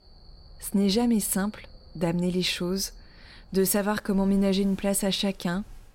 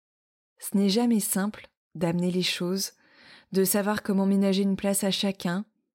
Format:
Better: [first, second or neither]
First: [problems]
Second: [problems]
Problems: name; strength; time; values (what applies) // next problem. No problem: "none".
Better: second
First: animal sounds; faint; throughout; 25 dB below the speech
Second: none